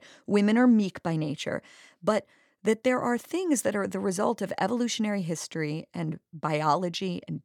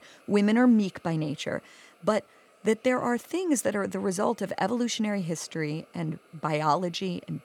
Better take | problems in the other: first | hiss; faint; throughout; 30 dB below the speech

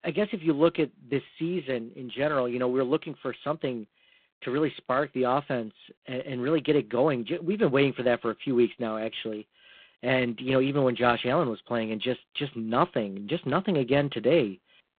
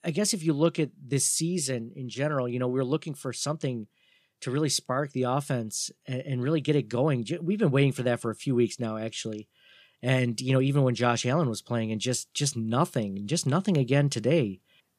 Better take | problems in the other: second | phone-call audio; poor line

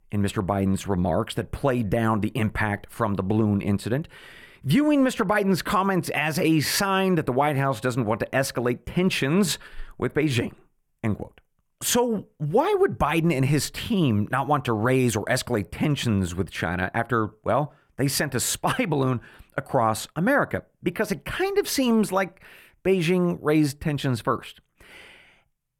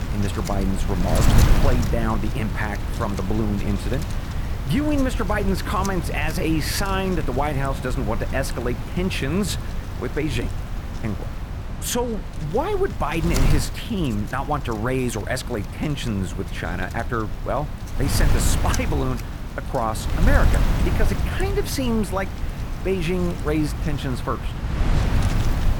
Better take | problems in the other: first | wind noise on the microphone; heavy; 7 dB below the speech

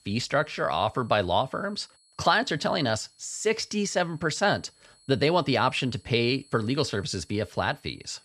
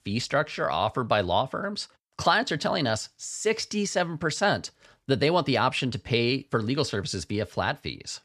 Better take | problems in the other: second | high-pitched whine; faint; throughout; 4.5 kHz, 30 dB below the speech

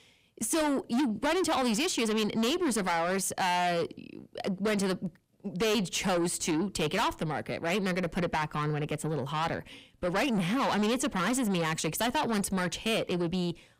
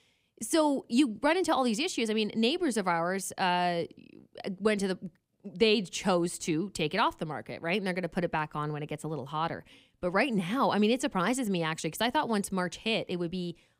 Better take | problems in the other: second | distortion; heavy; 6 dB below the speech

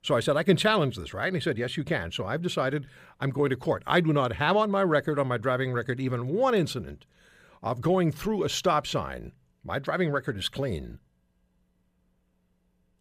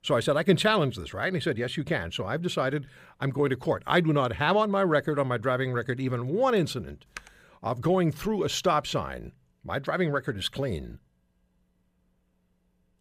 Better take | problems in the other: first | keyboard typing; faint; at 7 s; peak 20 dB below the speech

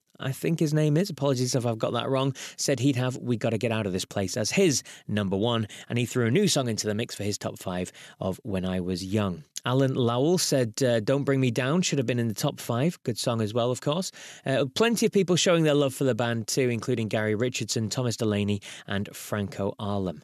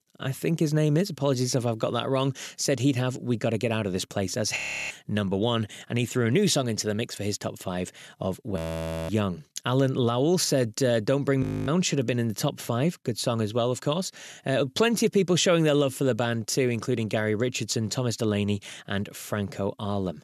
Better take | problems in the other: first | audio freezing; at 4.5 s, at 8.5 s for 0.5 s and at 11 s

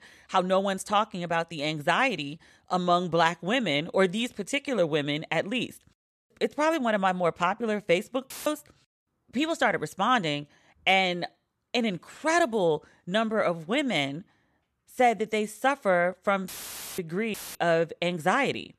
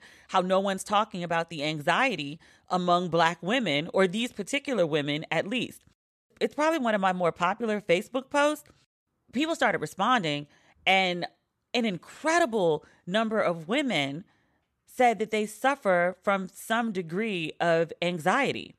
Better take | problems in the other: second | audio cutting out; filled with static; at 8.5 s, at 16 s for 0.5 s and at 17 s

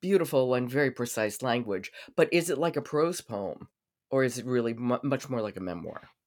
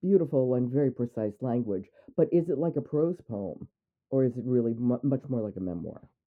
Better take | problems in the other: first | muffled; very; fading above 1 kHz

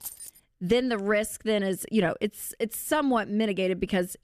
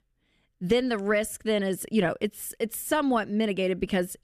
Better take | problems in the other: second | jangling keys; faint; at the start; peak 10 dB below the speech

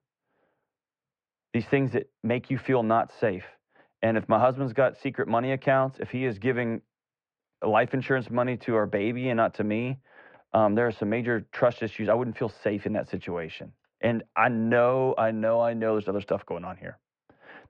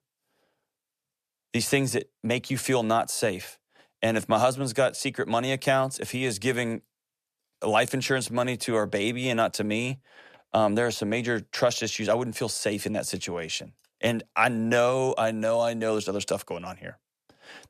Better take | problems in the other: second | muffled; very; fading above 2 kHz

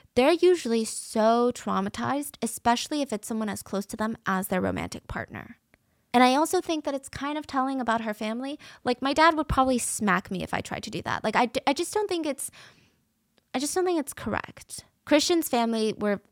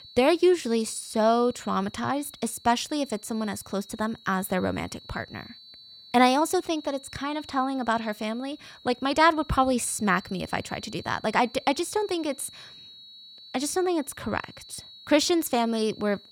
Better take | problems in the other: first | high-pitched whine; faint; throughout; 4 kHz, 20 dB below the speech

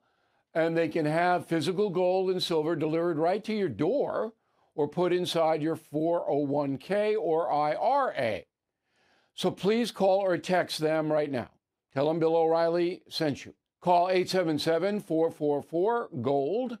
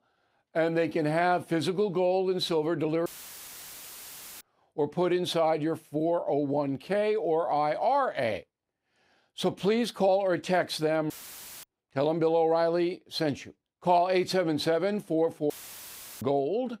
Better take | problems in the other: first | audio cutting out; filled with static; at 3 s for 1.5 s, at 11 s for 0.5 s and at 16 s for 0.5 s

